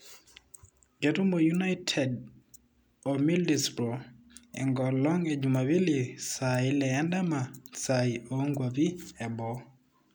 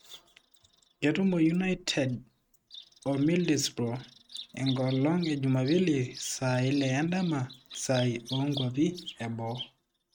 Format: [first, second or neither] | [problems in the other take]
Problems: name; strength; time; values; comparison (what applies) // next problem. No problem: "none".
first | noise reduction (neural mask model RNNoise)